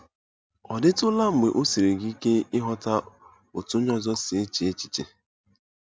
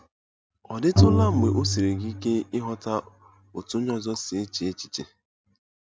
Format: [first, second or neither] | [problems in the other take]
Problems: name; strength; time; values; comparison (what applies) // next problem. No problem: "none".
first | background sound (Bowed string instrument); 2 dB above the speech